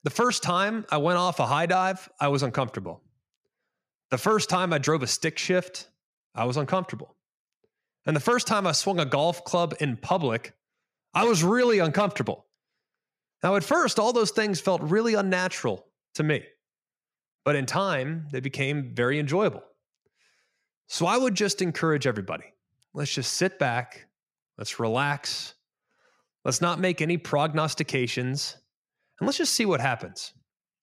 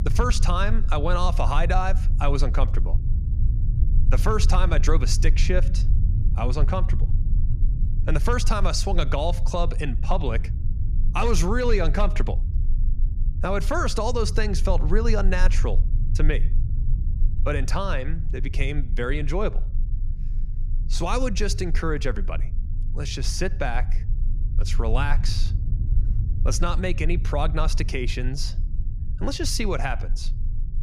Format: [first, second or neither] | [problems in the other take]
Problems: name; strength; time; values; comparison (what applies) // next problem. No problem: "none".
first | low rumble; noticeable; throughout; 15 dB below the speech